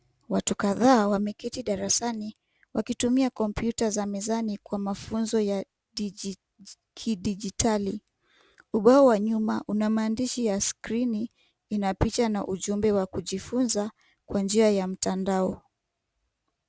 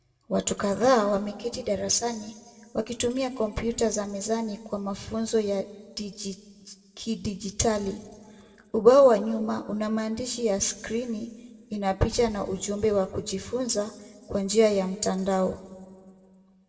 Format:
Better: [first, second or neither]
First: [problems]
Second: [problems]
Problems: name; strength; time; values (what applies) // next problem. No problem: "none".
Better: first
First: none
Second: room echo; dies away in 1.5 s